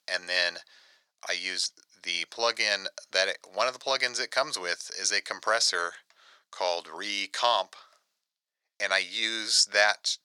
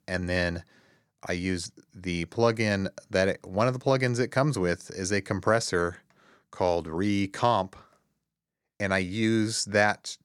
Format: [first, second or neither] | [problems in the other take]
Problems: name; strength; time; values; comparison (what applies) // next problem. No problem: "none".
second | thin; very; fading below 900 Hz